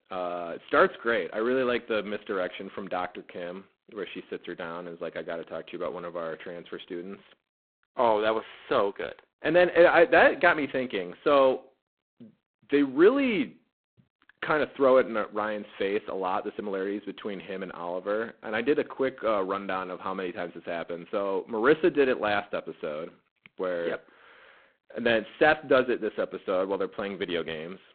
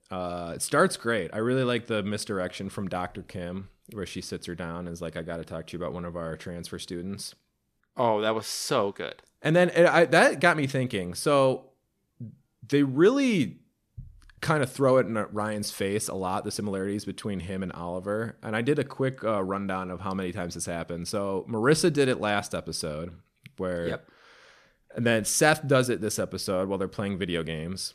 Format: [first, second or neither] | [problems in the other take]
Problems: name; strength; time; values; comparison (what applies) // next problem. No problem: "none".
second | phone-call audio; poor line; nothing above 4 kHz